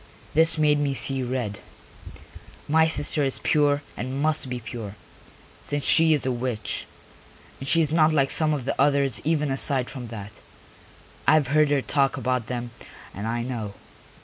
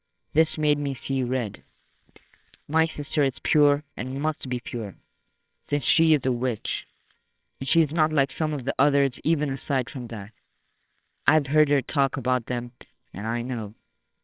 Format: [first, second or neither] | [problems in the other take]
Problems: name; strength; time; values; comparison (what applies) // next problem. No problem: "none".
first | noise reduction (neural separator model SepFormer WHAMR!)